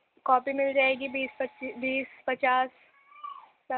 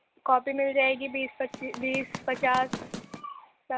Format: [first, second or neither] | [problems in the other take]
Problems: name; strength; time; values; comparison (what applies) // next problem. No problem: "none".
first | background sound (Run); 10 dB below the speech